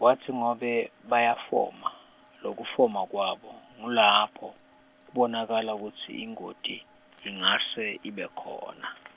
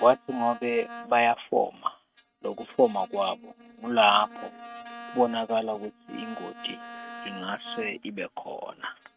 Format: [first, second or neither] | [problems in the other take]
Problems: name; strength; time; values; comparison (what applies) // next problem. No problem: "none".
first | noise reduction (neural mask model RNNoise)